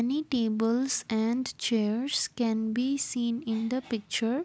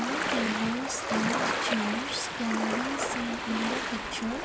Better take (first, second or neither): first